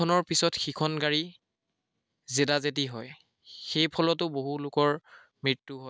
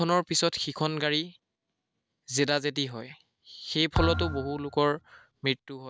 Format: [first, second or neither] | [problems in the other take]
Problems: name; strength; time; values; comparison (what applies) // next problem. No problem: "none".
first | background sound (Thump, thud); 4 dB below the speech